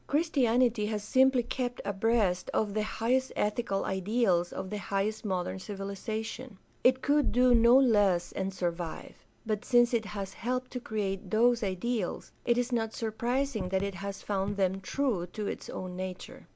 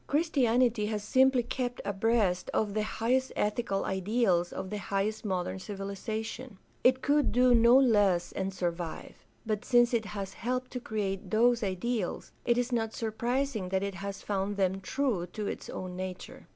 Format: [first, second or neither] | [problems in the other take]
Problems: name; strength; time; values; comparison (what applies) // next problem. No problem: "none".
second | background sound (Raindrop / Drip); 16 dB below the speech